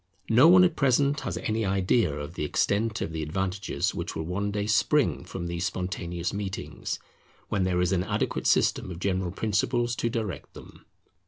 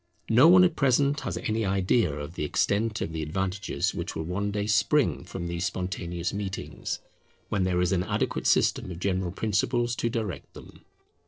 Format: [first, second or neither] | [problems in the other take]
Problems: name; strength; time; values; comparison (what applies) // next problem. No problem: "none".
first | noise reduction (neural separator model SepFormer DNS4)